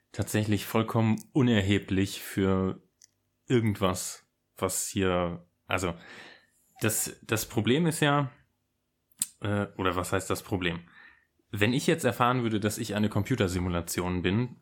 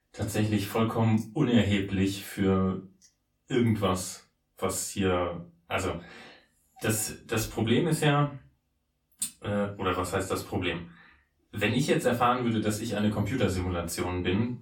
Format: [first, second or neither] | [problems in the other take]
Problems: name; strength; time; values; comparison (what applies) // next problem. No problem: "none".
first | off-mic speech; far // room echo; very slight; dies away in 0.2 s